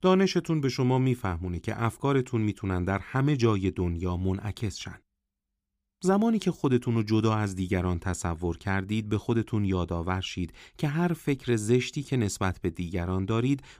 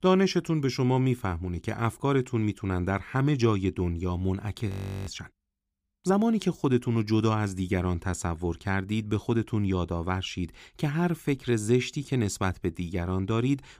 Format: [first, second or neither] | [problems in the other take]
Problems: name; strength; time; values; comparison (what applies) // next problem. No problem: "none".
first | audio freezing; at 4.5 s